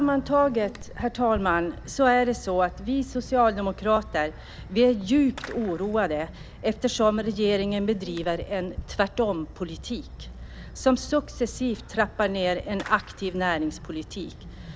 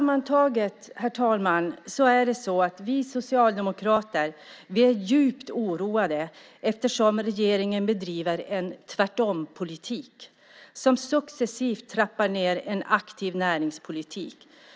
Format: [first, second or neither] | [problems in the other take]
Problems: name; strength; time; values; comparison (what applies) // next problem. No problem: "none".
second | background sound (Fireworks); 15 dB below the speech